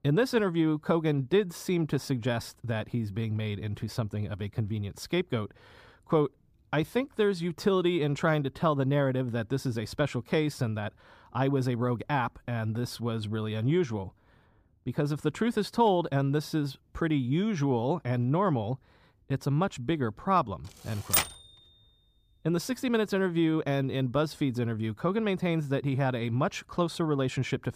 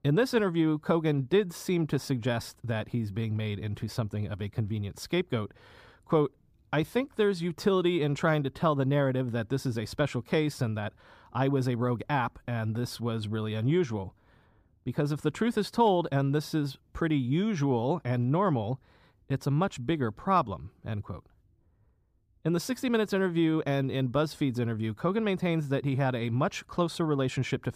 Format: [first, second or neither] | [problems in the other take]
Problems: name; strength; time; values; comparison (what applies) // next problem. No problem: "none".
second | keyboard typing; loud; at 21 s; peak 4 dB above the speech